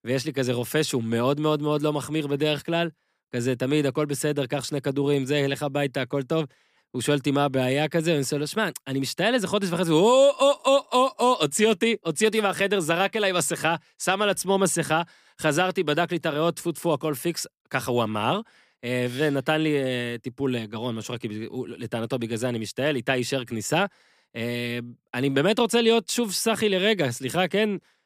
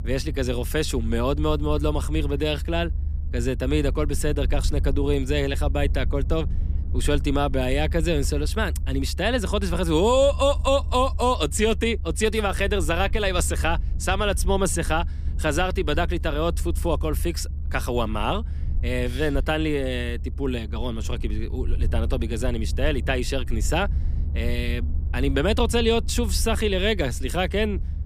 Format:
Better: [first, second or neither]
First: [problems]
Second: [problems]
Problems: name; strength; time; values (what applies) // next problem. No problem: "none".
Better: first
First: none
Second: low rumble; faint; throughout; 20 dB below the speech